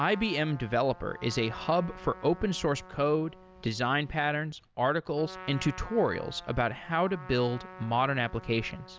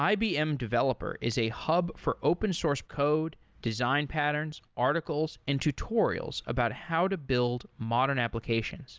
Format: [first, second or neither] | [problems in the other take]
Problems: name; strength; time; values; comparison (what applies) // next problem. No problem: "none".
second | background sound (Trumpet); 18 dB below the speech